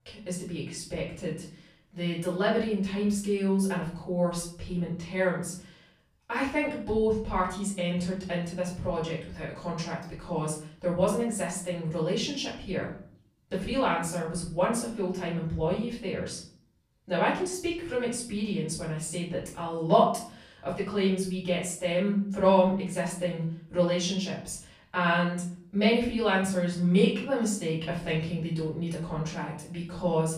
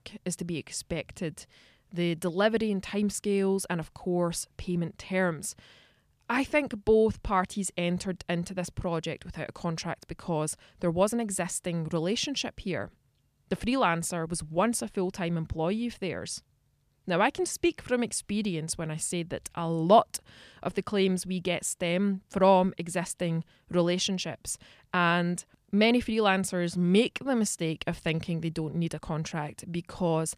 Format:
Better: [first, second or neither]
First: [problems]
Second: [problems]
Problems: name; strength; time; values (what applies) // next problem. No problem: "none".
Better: second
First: room echo; noticeable; dies away in 0.5 s // off-mic speech; far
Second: none